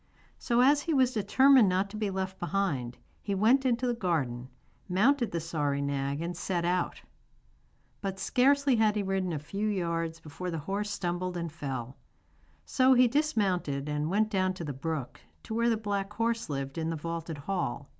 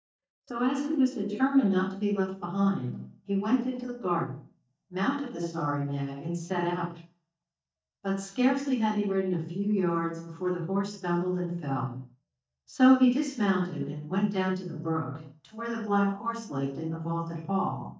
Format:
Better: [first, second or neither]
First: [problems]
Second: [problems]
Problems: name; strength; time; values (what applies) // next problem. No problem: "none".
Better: first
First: none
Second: noise reduction (neural mask model DeepFilterNet 3)